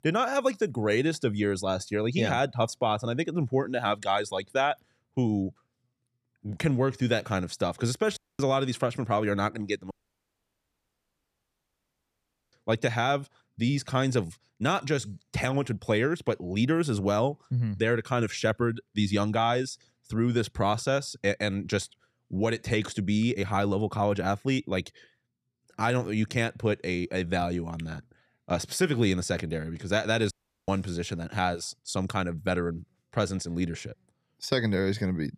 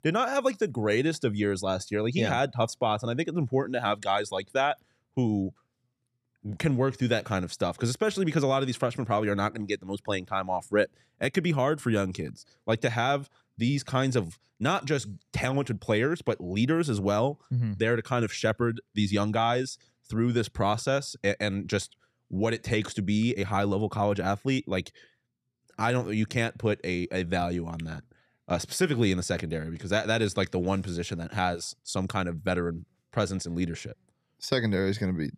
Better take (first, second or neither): second